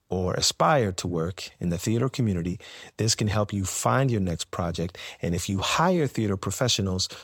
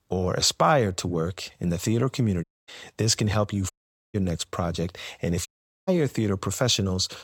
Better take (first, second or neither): first